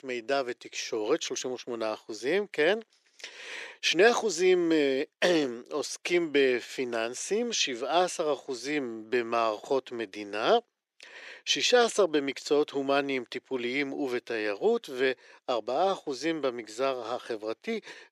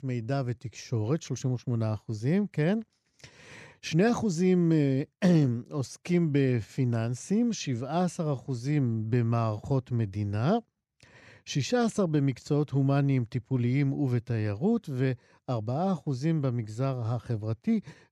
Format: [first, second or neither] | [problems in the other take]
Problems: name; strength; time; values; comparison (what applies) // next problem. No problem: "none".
second | thin; very; fading below 400 Hz